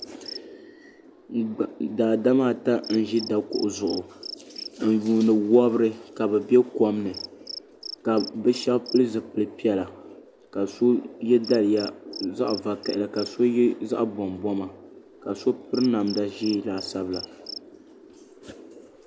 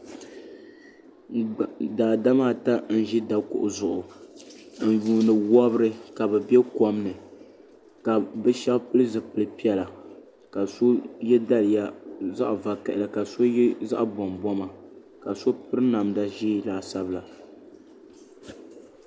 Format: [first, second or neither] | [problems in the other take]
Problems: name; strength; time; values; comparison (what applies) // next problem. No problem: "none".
second | background sound (Cricket); 18 dB below the speech